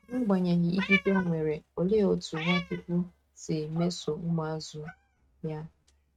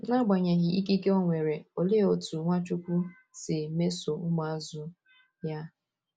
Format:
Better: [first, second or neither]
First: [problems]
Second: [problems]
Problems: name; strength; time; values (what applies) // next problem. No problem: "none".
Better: second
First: noise reduction (neural mask model RNNoise)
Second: none